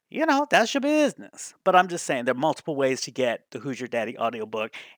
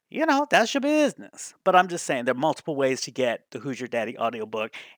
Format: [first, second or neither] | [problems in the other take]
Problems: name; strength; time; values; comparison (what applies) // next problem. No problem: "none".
neither | none